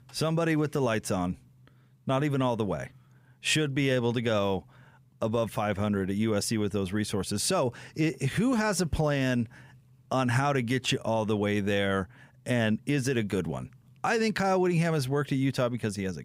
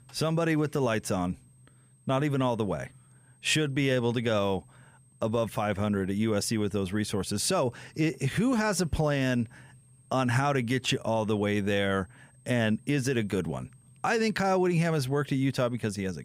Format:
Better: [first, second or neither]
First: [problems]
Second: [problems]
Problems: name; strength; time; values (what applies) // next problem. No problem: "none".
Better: first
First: none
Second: high-pitched whine; faint; throughout; 8.5 kHz, 35 dB below the speech